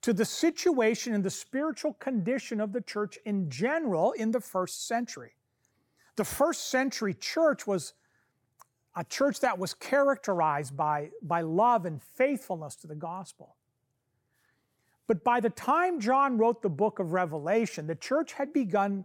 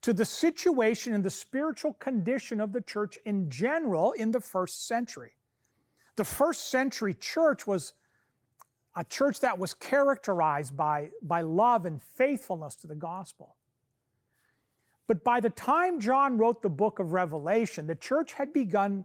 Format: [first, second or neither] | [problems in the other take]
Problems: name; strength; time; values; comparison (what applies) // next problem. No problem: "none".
first | garbled, watery; slightly; nothing above 17.5 kHz